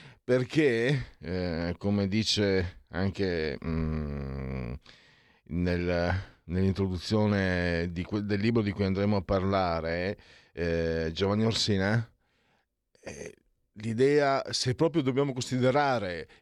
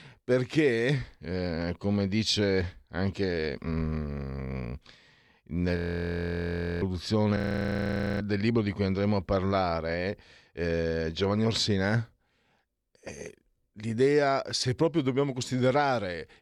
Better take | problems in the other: first | audio freezing; at 6 s for 1 s and at 7.5 s for 1 s

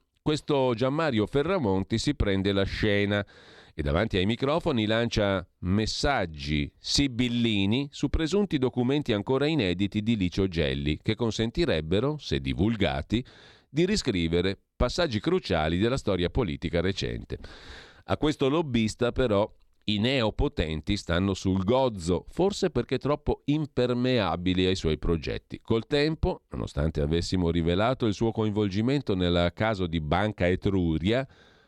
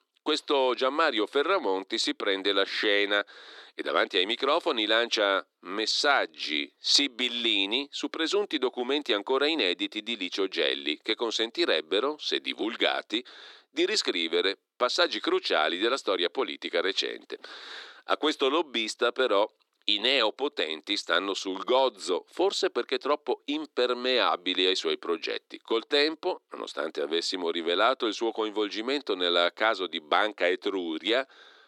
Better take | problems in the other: first | thin; somewhat; fading below 300 Hz

